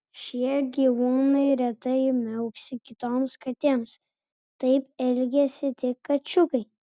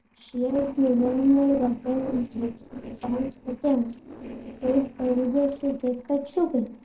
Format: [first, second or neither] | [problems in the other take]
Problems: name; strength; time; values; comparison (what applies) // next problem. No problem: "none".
first | noise reduction (neural separator model SepFormer DNS4)